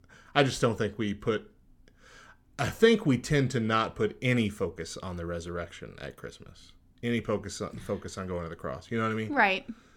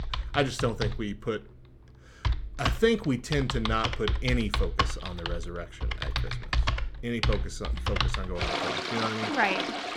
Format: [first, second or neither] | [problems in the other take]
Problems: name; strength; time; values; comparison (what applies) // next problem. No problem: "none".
first | household noises; loud; throughout; 1 dB below the speech